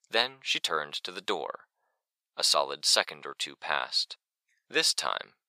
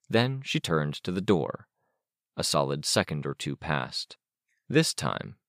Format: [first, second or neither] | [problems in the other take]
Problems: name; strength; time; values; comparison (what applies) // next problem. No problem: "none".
second | thin; very; fading below 750 Hz